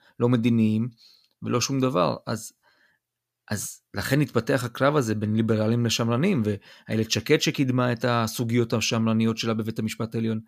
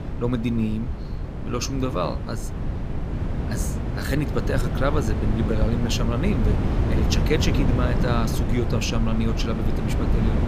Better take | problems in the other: first | wind noise on the microphone; heavy; 4 dB below the speech

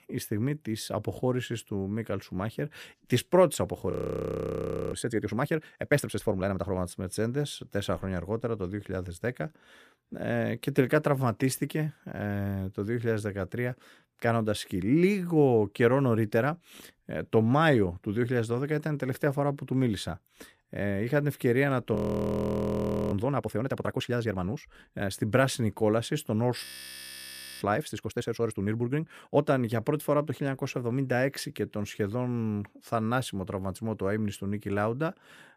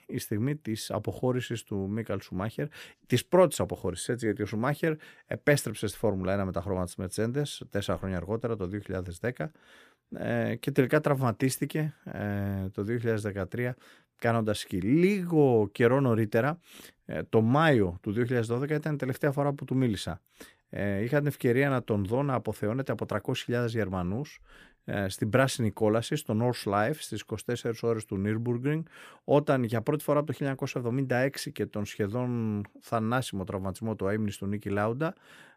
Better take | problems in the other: second | audio freezing; at 4 s for 1 s, at 22 s for 1 s and at 27 s for 1 s

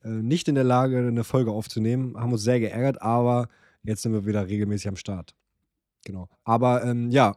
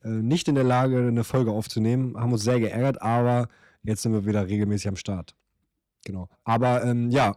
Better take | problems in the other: first | distortion; slight; 10 dB below the speech

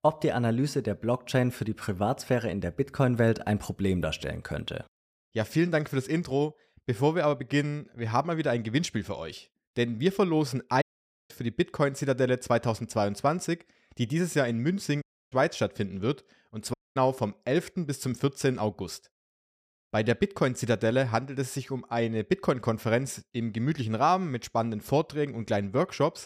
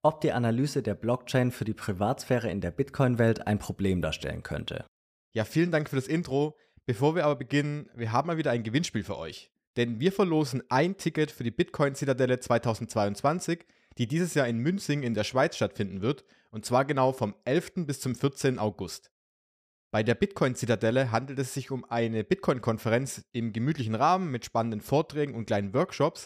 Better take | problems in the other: second | audio cutting out; at 11 s, at 15 s and at 17 s

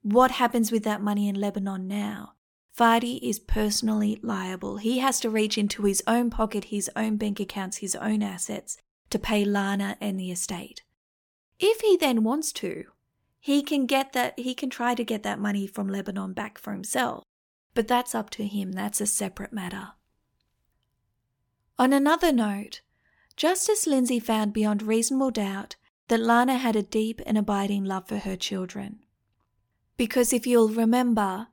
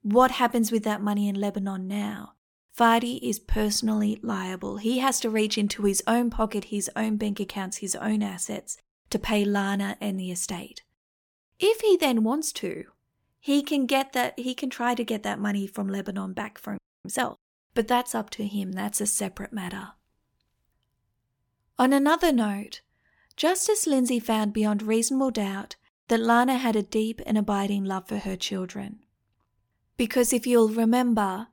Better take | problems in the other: first | audio freezing; at 17 s

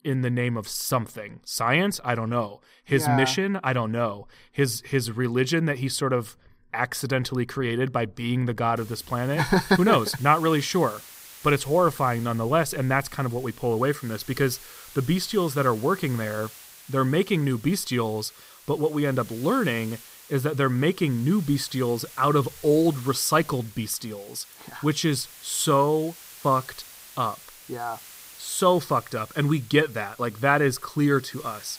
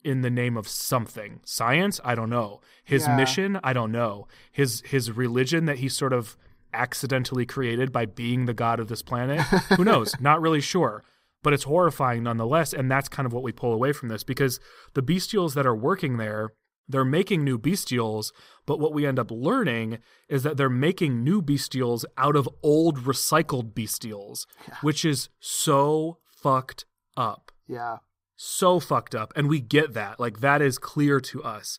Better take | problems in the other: second | hiss; noticeable; from 9 s on; 20 dB below the speech

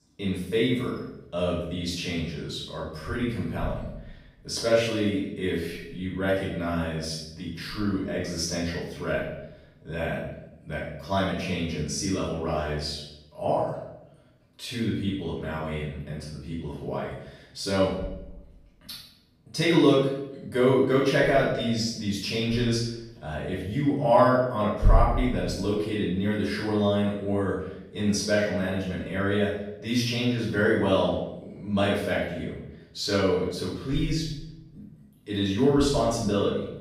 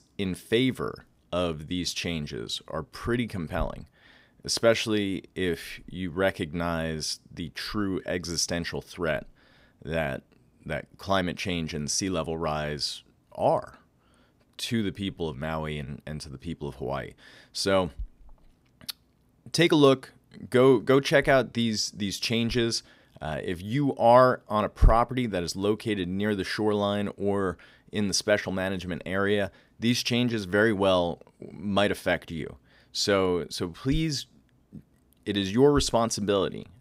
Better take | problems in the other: second | off-mic speech; far // room echo; noticeable; dies away in 0.8 s

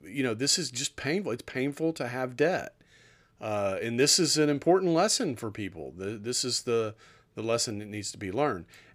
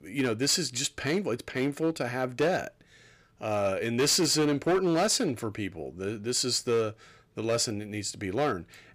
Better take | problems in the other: first | distortion; slight; 6% of the sound clipped

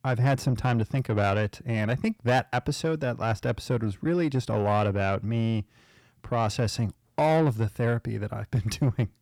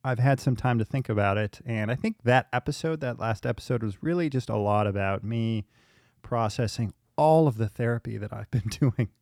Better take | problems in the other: second | distortion; slight; 10 dB below the speech

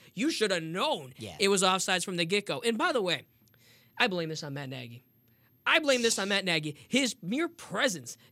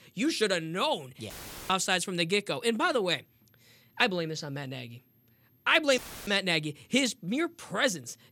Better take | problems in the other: first | audio cutting out; filled with static; at 1.5 s and at 6 s

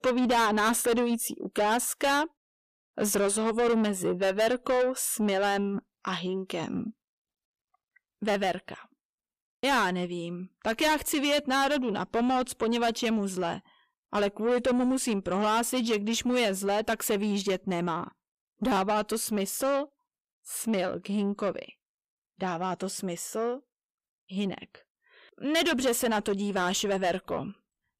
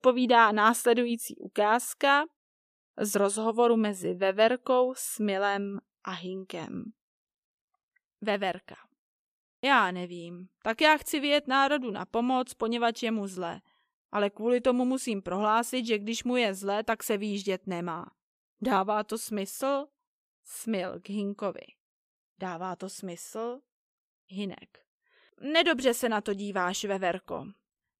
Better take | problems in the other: second | distortion; heavy; 7 dB below the speech

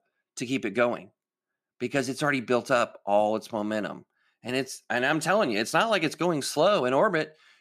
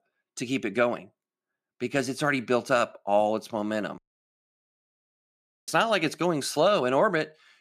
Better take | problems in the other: first | audio cutting out; at 4 s for 1.5 s

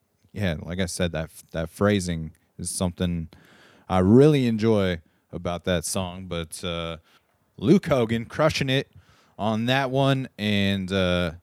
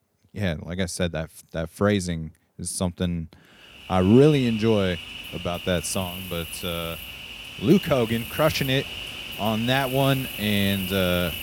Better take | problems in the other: first | animal sounds; loud; from 4 s on; 9 dB below the speech

